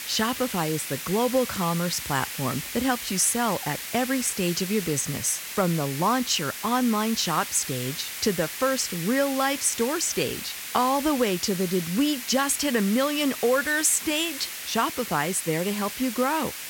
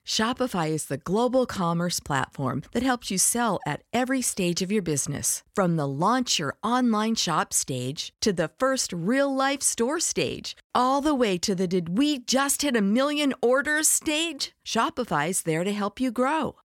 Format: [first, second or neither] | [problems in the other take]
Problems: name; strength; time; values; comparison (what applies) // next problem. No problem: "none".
second | hiss; loud; throughout; 7 dB below the speech